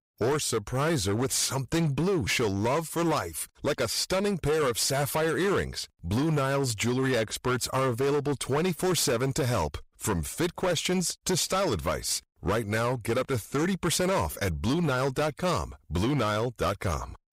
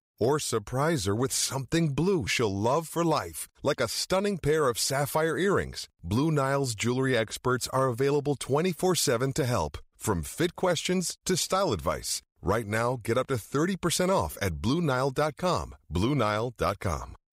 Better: second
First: distortion; slight; 16% of the sound clipped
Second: none

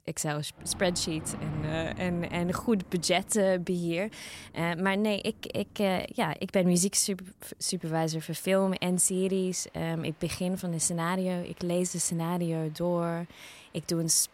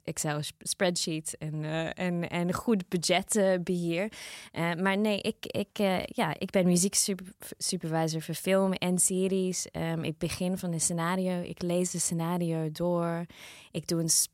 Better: second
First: rain or running water; noticeable; throughout; 15 dB below the speech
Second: none

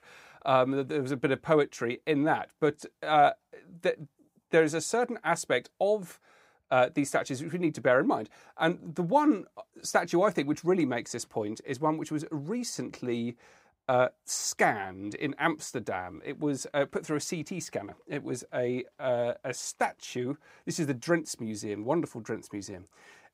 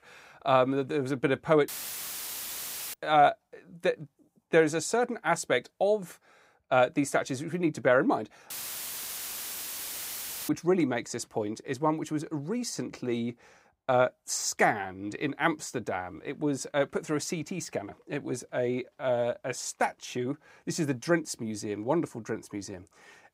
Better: first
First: none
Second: audio cutting out; filled with static; at 1.5 s for 1.5 s and at 8.5 s for 2 s

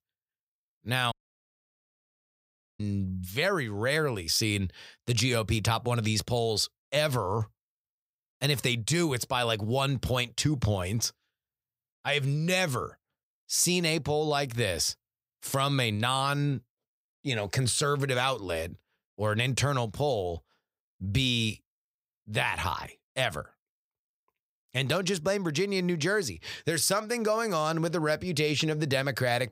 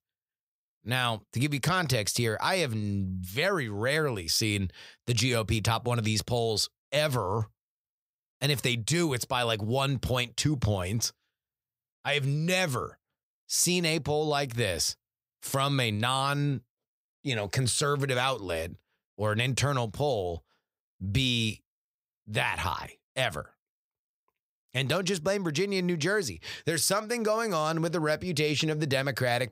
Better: second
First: audio cutting out; at 1 s for 1.5 s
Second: none

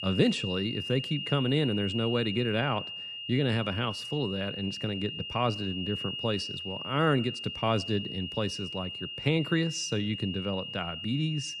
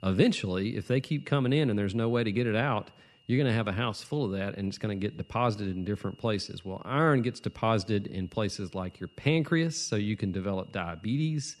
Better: second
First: high-pitched whine; loud; throughout; 3 kHz, 5 dB below the speech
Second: high-pitched whine; faint; throughout; 3 kHz, 30 dB below the speech

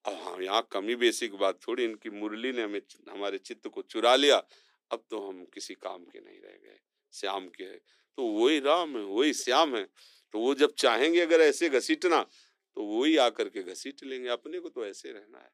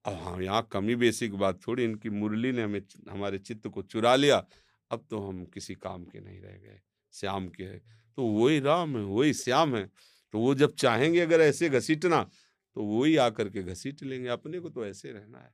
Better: second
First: thin; somewhat; fading below 300 Hz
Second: none

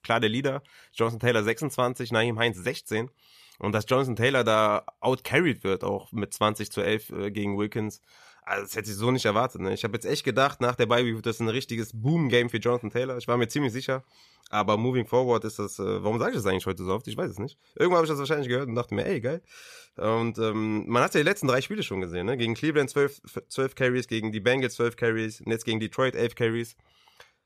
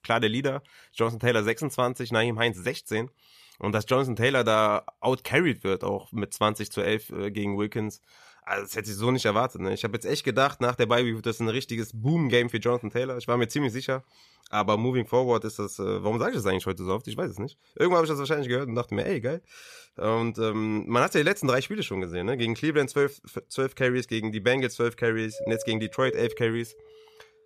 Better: first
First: none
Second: doorbell; noticeable; from 25 to 26 s; peak 8 dB below the speech

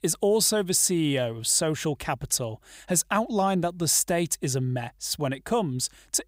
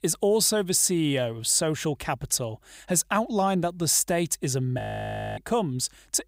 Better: first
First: none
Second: audio freezing; at 5 s for 0.5 s

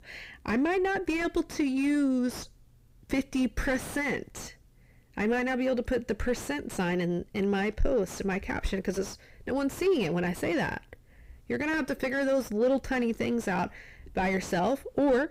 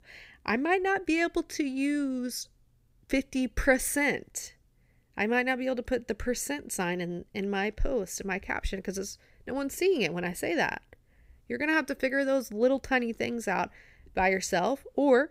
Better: second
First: distortion; heavy; 6 dB below the speech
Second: none

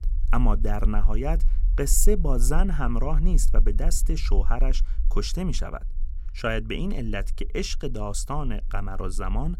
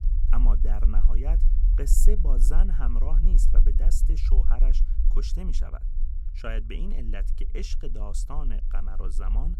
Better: first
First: low rumble; faint; throughout; 20 dB below the speech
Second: low rumble; loud; throughout; 9 dB below the speech

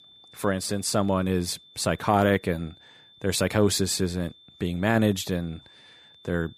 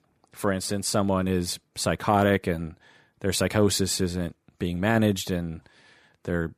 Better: second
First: high-pitched whine; faint; throughout; 3.5 kHz, 25 dB below the speech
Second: none

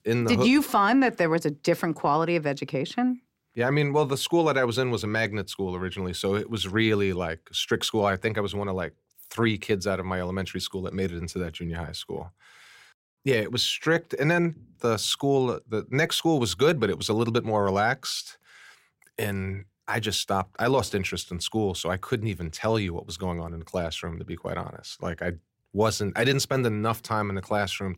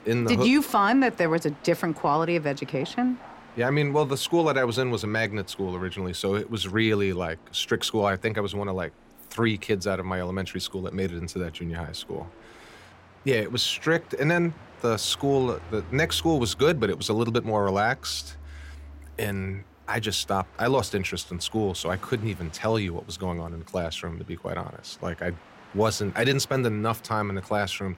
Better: first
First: none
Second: train or aircraft noise; faint; throughout; 20 dB below the speech

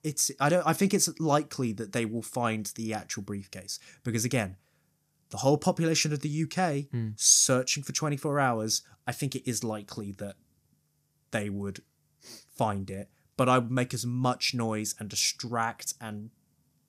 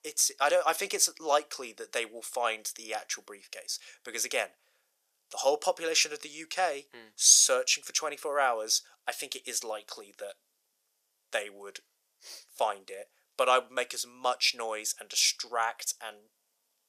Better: first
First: none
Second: thin; very; fading below 500 Hz

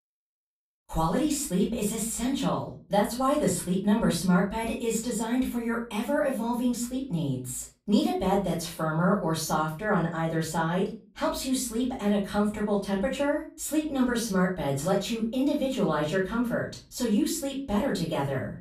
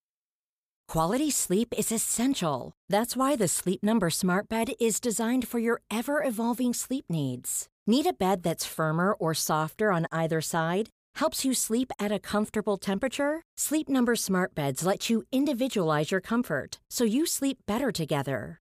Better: second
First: room echo; slight; dies away in 0.3 s // off-mic speech; far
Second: none

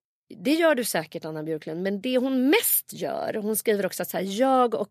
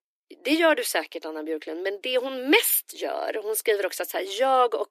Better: first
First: none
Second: thin; somewhat; fading below 300 Hz

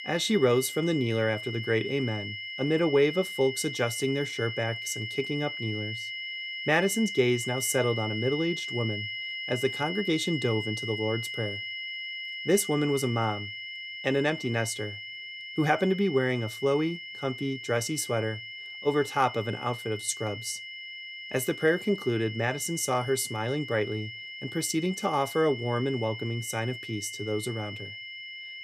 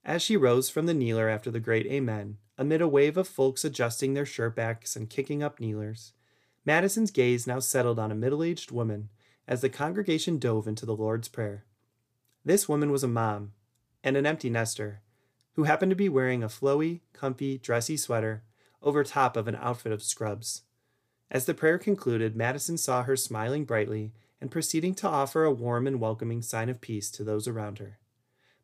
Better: second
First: high-pitched whine; loud; throughout; 2 kHz, 7 dB below the speech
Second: none

